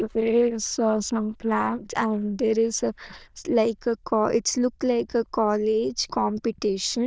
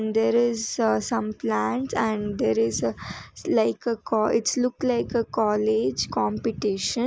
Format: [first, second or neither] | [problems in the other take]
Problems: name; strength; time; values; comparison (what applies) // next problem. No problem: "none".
second | noise reduction (neural diffusion model UNIVERSE++)